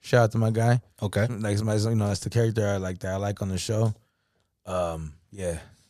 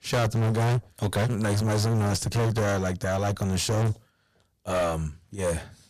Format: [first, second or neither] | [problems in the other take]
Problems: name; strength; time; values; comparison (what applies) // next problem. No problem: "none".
first | distortion; heavy; 24% of the sound clipped